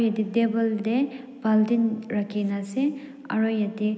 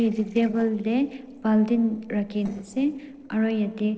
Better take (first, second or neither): first